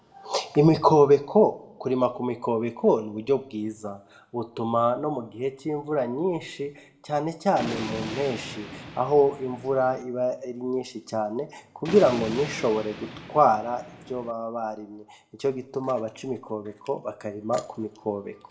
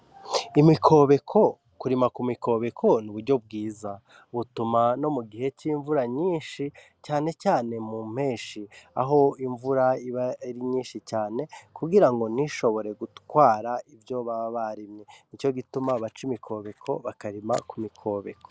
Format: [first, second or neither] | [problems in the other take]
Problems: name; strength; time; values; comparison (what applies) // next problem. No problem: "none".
second | background sound (Thunder); 12 dB below the speech // room echo; dies away in 0.5 s